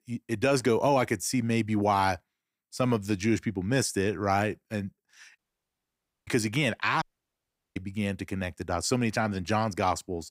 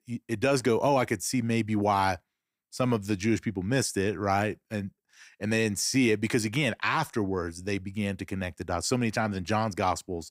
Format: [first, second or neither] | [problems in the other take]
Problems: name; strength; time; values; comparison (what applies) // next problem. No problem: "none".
second | audio cutting out; at 5.5 s for 1 s and at 7 s for 0.5 s